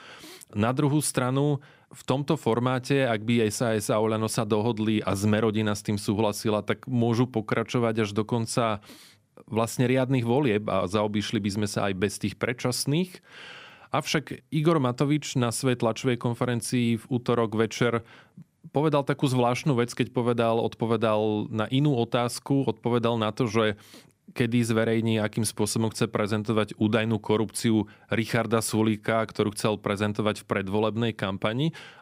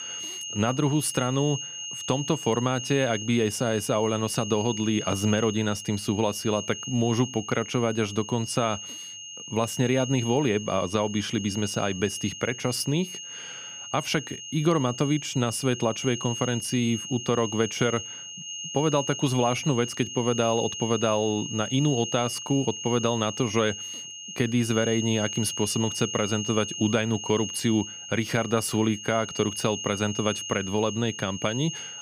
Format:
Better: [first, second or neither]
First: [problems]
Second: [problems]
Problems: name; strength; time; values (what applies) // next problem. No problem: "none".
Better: first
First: none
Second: high-pitched whine; loud; throughout; 3 kHz, 8 dB below the speech